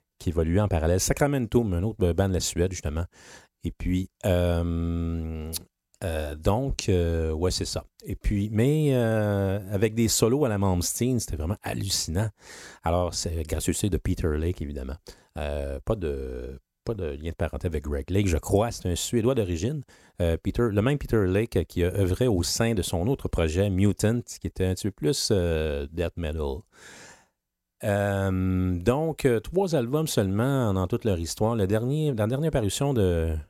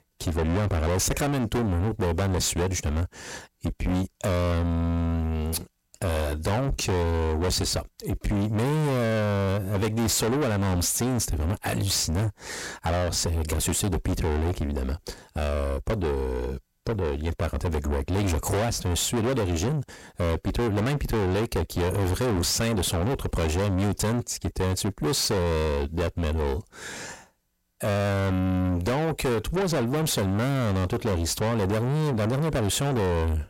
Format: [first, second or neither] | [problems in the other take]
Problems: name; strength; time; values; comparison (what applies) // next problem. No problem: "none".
first | distortion; heavy; 6 dB below the speech